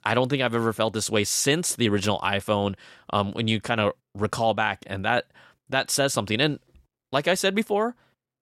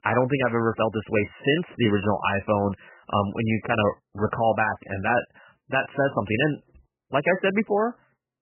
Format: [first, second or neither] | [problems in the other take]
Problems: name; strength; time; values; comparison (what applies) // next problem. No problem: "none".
first | garbled, watery; badly; nothing above 3 kHz